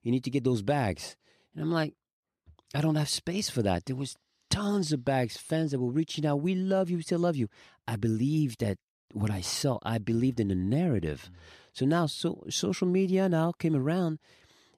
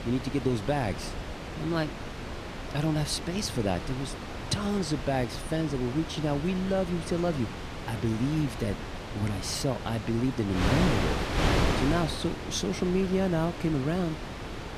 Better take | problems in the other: first | wind noise on the microphone; heavy; 3 dB below the speech

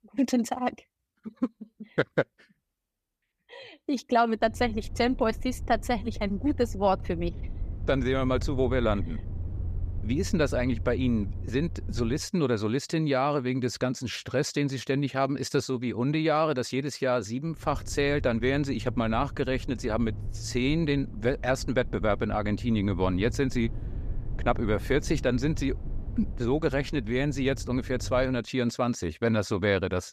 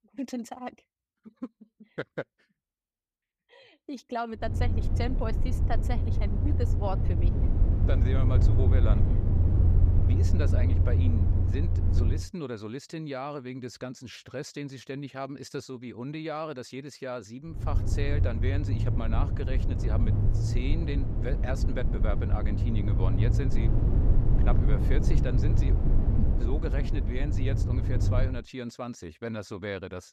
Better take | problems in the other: first | low rumble; loud; from 4.5 to 12 s and from 18 to 28 s; 2 dB below the speech; faint in the first

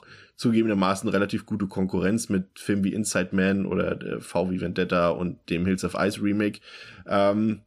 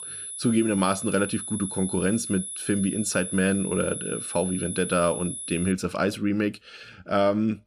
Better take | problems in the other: first | high-pitched whine; loud; until 5.5 s; 10 kHz, 6 dB below the speech

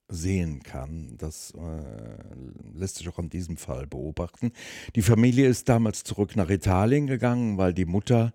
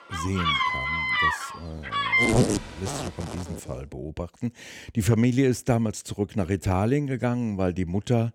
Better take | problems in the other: first | animal sounds; very loud; until 3 s; 3 dB above the speech

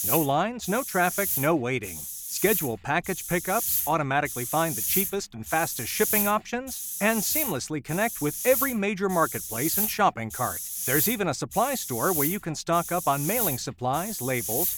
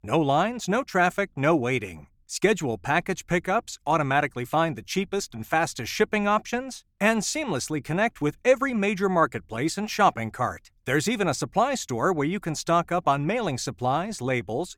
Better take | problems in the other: second | hiss; loud; throughout; 1 dB below the speech

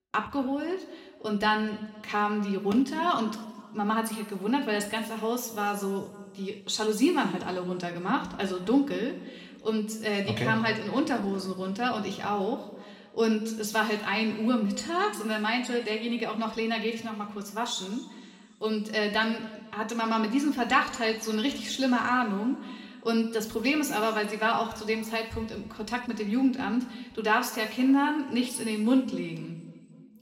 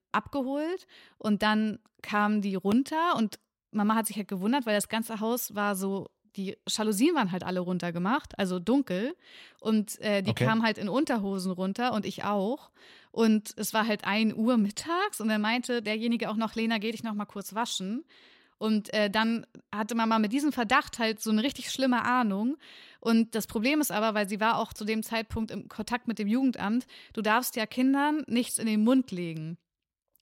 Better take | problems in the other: second | room echo; slight; dies away in 1.7 s // off-mic speech; somewhat distant

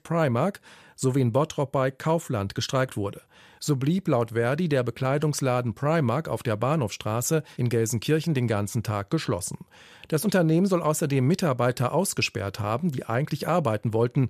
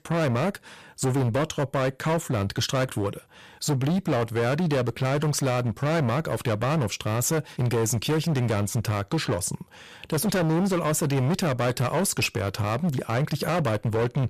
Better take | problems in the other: first | distortion; heavy; 21% of the sound clipped

